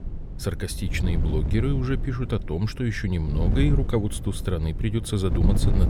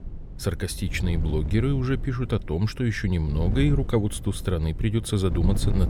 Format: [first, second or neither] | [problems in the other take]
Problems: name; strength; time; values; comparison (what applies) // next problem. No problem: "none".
second | wind noise on the microphone; heavy; 9 dB below the speech; occasional gusts in the second